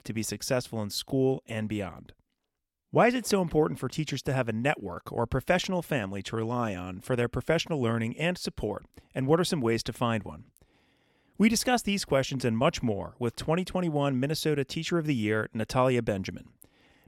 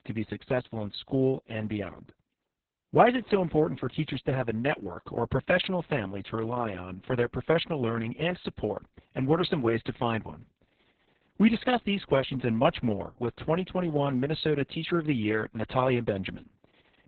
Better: first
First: none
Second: garbled, watery; badly; nothing above 4 kHz

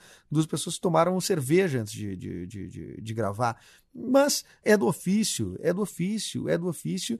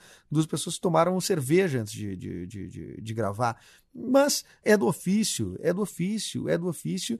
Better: neither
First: none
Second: none

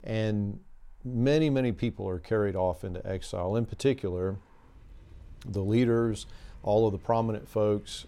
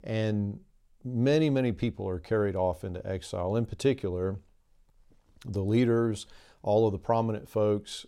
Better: second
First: traffic noise; faint; throughout; 25 dB below the speech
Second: none

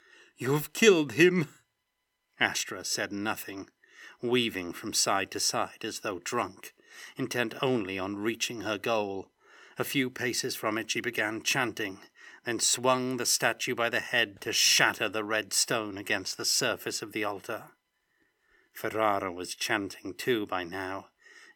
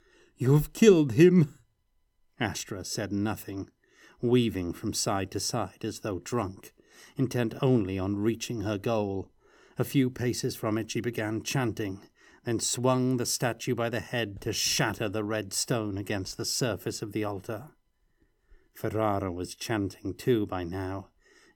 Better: second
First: thin; somewhat; fading below 600 Hz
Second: none

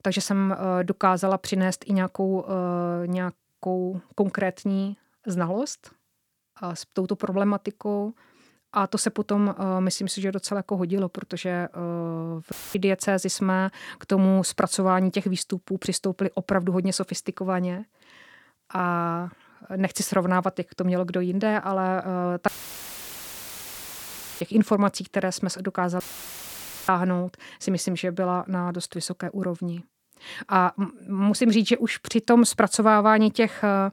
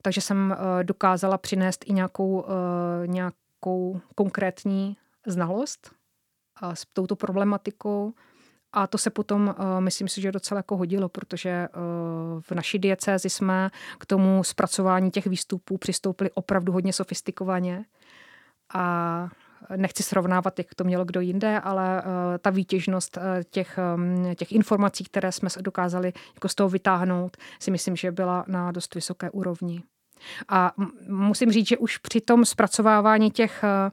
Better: second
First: audio cutting out; filled with static; at 13 s, at 22 s for 2 s and at 26 s for 1 s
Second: none

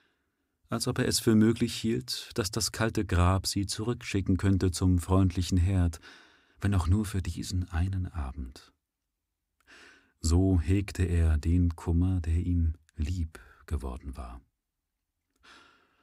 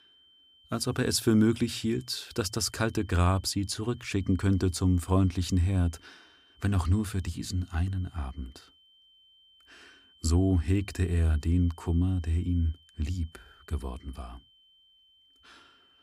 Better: first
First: none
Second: high-pitched whine; faint; throughout; 3 kHz, 30 dB below the speech

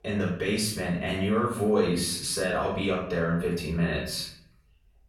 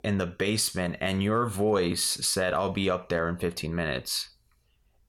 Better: second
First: off-mic speech; far // room echo; noticeable; dies away in 0.5 s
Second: none

